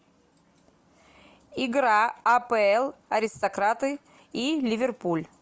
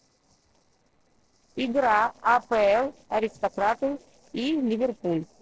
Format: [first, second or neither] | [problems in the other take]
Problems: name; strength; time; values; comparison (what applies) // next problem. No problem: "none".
first | noise reduction (neural separator model SepFormer DNS4)